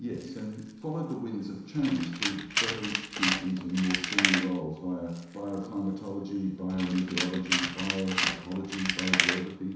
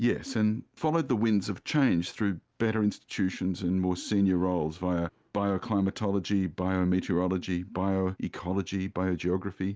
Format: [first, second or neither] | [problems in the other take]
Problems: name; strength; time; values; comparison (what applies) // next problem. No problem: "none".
second | background sound (Tools); 1 dB below the speech // room echo; dies away in 1 s